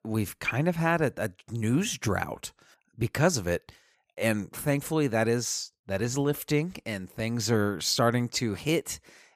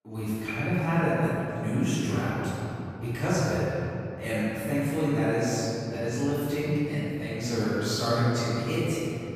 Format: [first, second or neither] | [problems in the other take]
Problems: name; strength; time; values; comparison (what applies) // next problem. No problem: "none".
first | off-mic speech; far // room echo; strong; dies away in 2.9 s